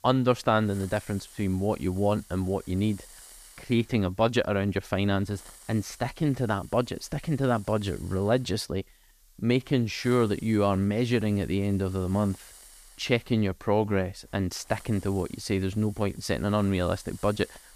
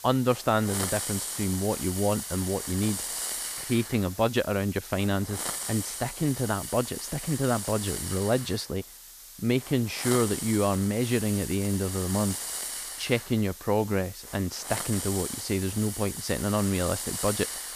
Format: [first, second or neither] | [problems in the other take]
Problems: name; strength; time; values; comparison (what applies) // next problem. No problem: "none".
first | hiss; loud; throughout; 5 dB below the speech; faint in the first